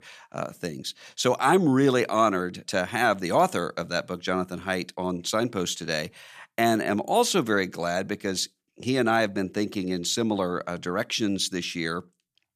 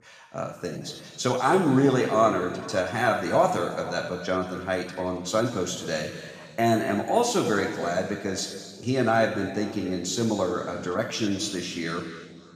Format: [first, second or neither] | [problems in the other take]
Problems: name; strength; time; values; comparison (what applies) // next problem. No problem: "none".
first | room echo; noticeable; dies away in 1.8 s // off-mic speech; far